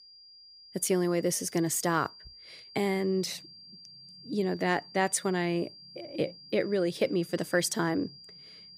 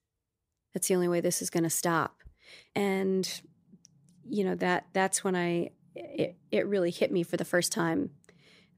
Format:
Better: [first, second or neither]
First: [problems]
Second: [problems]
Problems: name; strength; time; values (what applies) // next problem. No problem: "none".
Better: second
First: high-pitched whine; noticeable; throughout; 4.5 kHz, 20 dB below the speech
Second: none